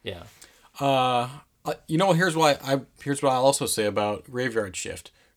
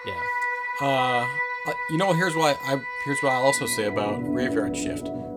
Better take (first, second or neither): first